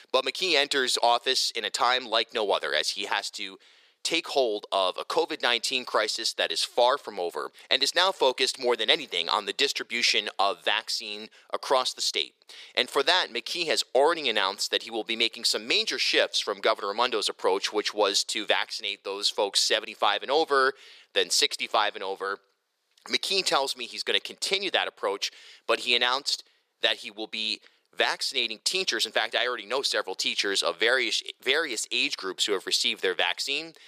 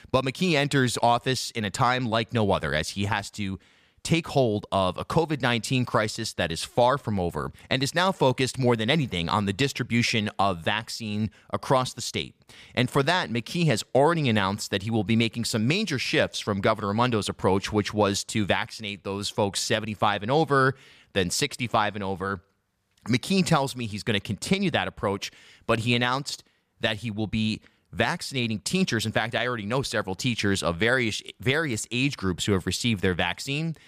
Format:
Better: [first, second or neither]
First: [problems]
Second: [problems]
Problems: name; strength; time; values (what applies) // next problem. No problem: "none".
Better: second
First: thin; very; fading below 400 Hz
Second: none